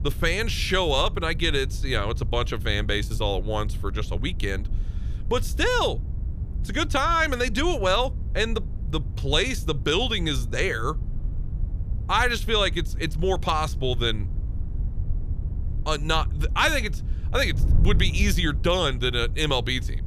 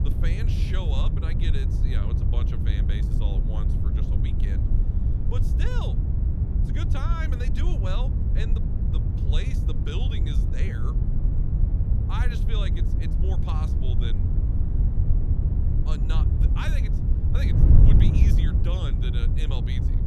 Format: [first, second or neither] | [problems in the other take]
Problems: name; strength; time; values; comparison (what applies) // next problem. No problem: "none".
first | wind noise on the microphone; heavy; as loud as the speech; occasional gusts in the first